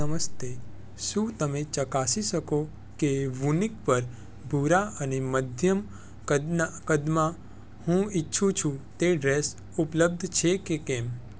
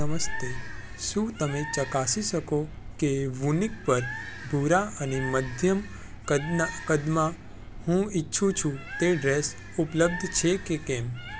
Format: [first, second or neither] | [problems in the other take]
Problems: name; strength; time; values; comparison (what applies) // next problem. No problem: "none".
first | background sound (Bird); 13 dB below the speech